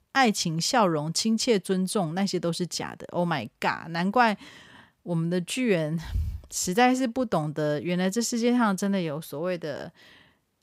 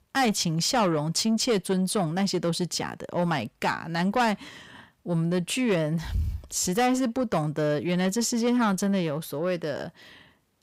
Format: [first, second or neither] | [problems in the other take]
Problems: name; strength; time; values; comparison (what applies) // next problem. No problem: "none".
first | distortion; slight; 10 dB below the speech